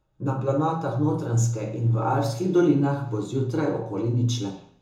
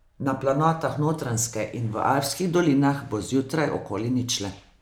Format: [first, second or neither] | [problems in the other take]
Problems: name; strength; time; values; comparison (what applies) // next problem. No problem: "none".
second | room echo; dies away in 0.6 s